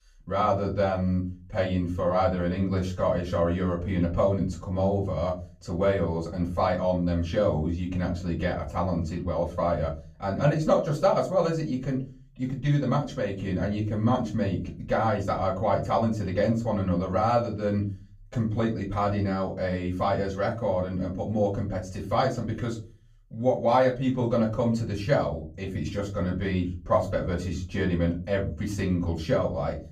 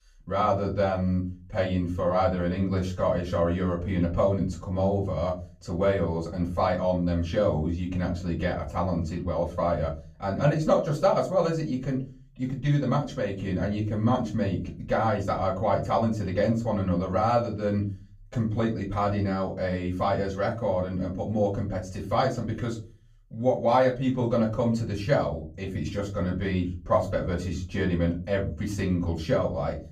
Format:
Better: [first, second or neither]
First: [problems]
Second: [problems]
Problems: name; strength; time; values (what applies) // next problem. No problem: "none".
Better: neither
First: off-mic speech; far // room echo; slight; dies away in 0.4 s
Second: off-mic speech; far // room echo; slight; dies away in 0.4 s